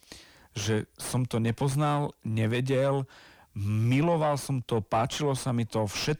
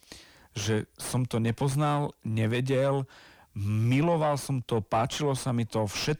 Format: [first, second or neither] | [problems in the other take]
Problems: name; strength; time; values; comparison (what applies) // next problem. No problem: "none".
neither | distortion; slight; 9 dB below the speech; the same in both